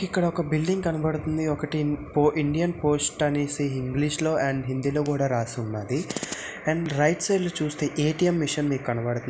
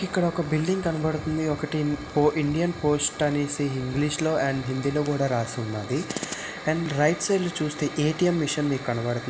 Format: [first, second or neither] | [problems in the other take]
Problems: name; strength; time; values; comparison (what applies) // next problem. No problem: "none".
first | background sound (Hiss / Fire); 15 dB below the speech